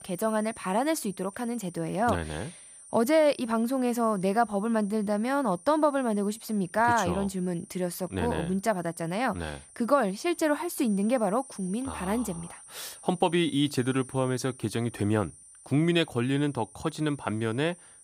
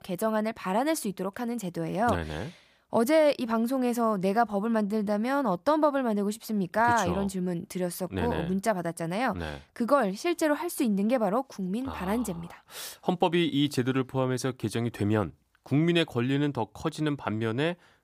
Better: second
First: high-pitched whine; noticeable; throughout; 9.5 kHz, 20 dB below the speech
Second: none

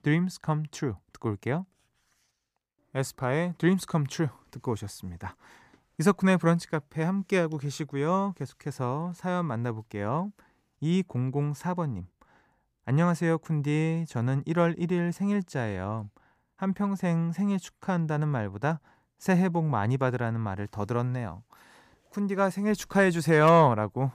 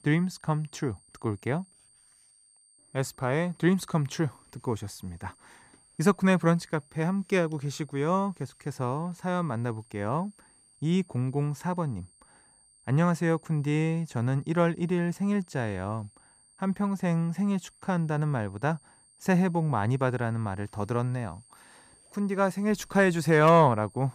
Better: first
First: none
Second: high-pitched whine; faint; throughout; 8.5 kHz, 30 dB below the speech

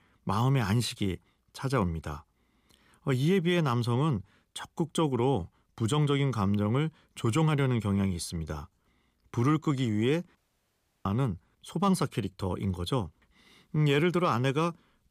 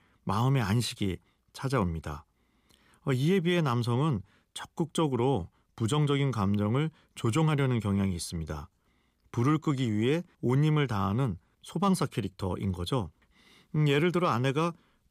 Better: second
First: audio cutting out; at 10 s for 0.5 s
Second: none

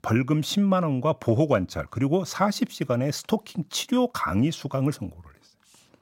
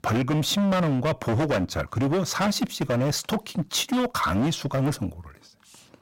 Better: first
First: none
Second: distortion; heavy; 21% of the sound clipped

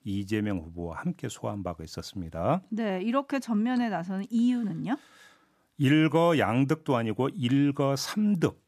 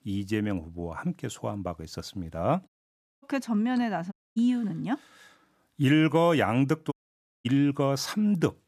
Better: first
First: none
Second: audio cutting out; at 2.5 s for 0.5 s, at 4 s and at 7 s for 0.5 s

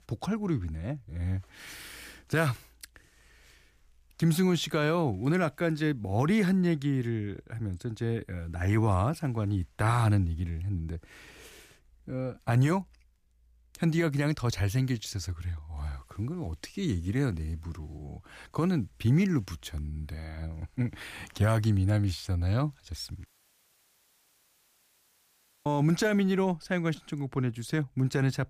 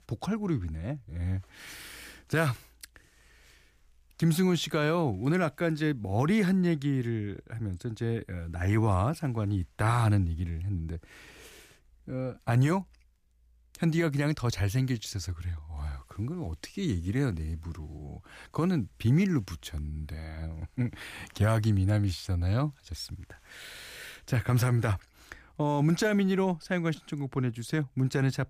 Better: second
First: audio cutting out; at 23 s for 2.5 s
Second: none

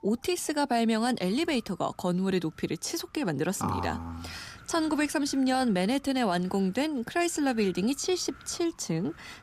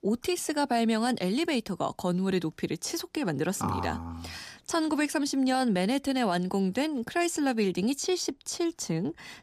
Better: second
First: wind noise on the microphone; occasional gusts; 25 dB below the speech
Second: none

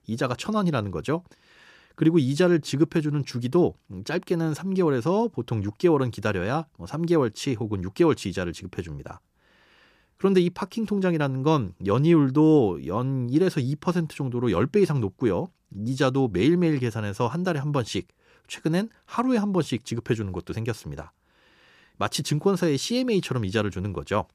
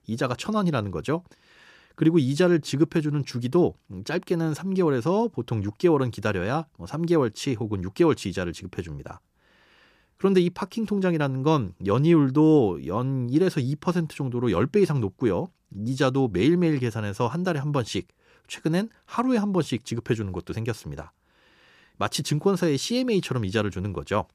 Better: neither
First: none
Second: none

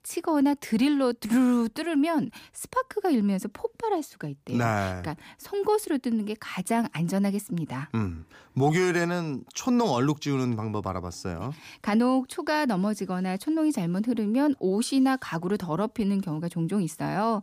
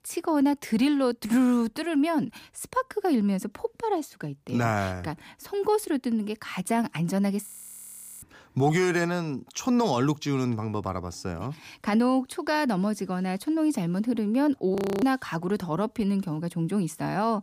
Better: first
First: none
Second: audio freezing; at 7.5 s for 1 s and at 15 s

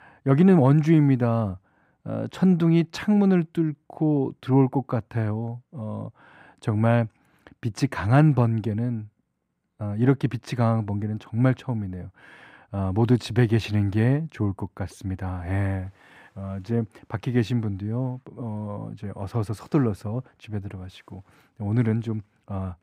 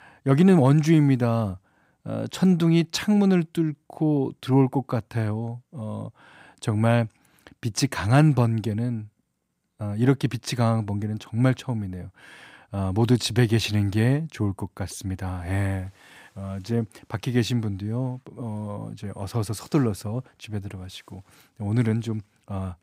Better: second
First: muffled; slightly; fading above 3 kHz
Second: none

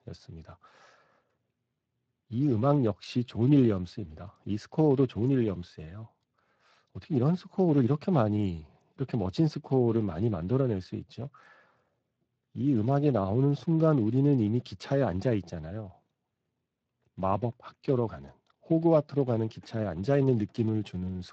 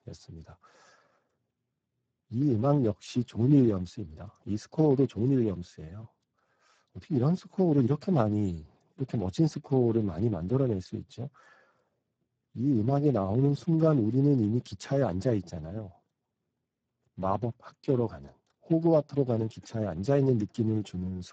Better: first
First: garbled, watery; slightly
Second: garbled, watery; badly; nothing above 7.5 kHz

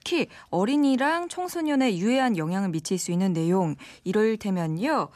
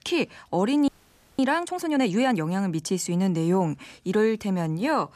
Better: first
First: none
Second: audio freezing; at 1 s for 0.5 s

